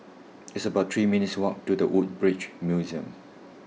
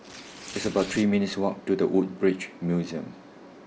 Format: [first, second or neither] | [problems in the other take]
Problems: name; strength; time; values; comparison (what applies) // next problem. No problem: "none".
first | background sound (Tearing); 19 dB below the speech